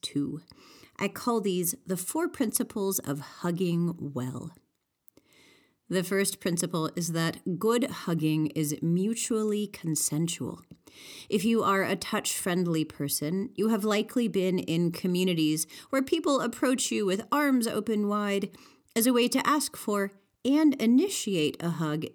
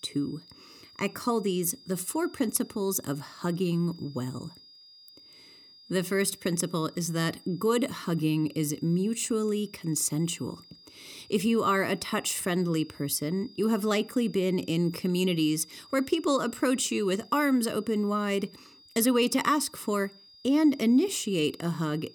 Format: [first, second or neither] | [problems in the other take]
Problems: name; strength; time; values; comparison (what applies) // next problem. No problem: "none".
first | high-pitched whine; faint; throughout; 5 kHz, 25 dB below the speech